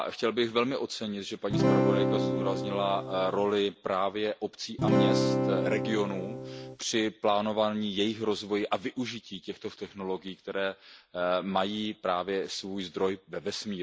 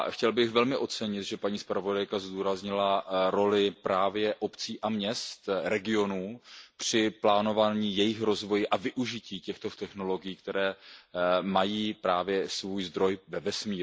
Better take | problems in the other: second | background sound (Acoustic guitar / Strum); 3 dB above the speech

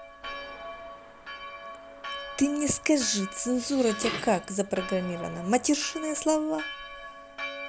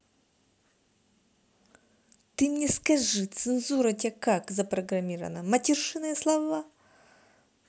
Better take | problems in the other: second | background sound (Dishes, pots, and pans + Church bell); 10 dB below the speech

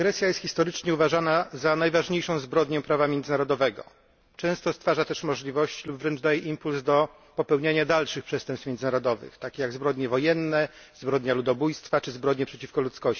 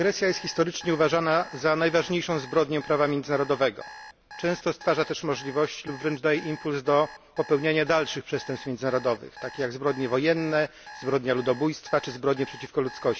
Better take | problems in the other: first | background sound (Alarm); 19 dB below the speech

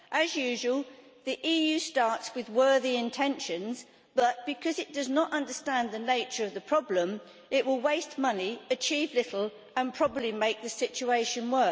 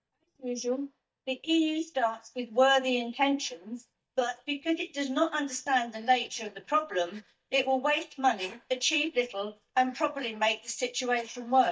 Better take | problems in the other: first | noise reduction (neural mask model DeepFilterNet 3)

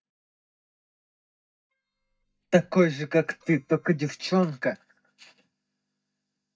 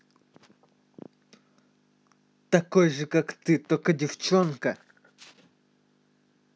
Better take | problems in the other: second | noise reduction (neural mask model DeepFilterNet 3)

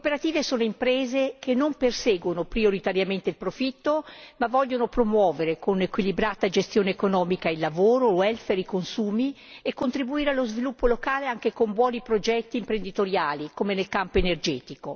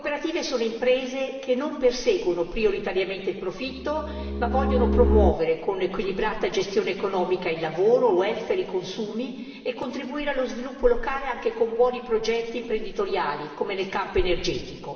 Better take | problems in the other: first | background sound (Bowed string instrument); 1 dB above the speech // room echo; dies away in 2.2 s

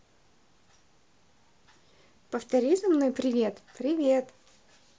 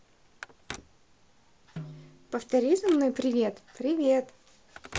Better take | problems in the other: first | background sound (Snare drum + Telephone); 17 dB below the speech

